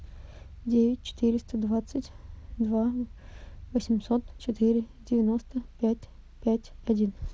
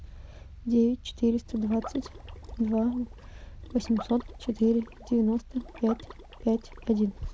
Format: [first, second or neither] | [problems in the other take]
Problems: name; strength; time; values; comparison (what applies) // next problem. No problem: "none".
first | background sound (Liquid); 19 dB below the speech